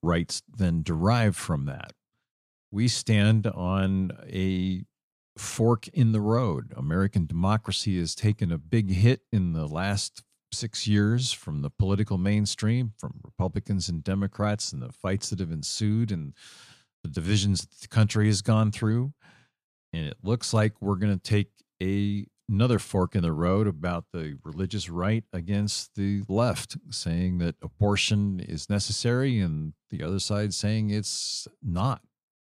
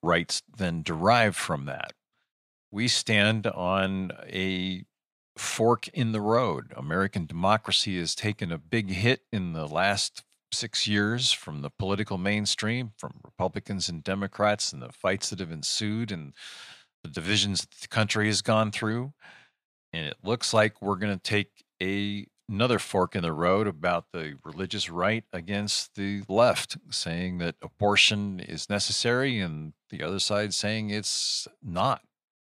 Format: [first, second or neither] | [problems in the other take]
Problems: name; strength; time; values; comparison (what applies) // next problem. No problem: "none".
first | thin; somewhat; fading below 550 Hz